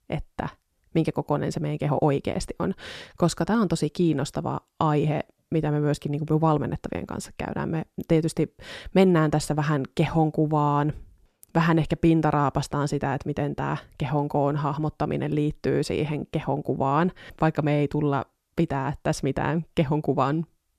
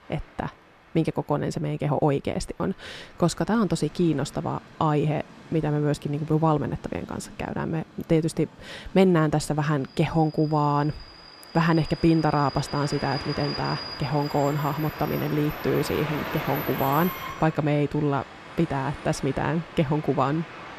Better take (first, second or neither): first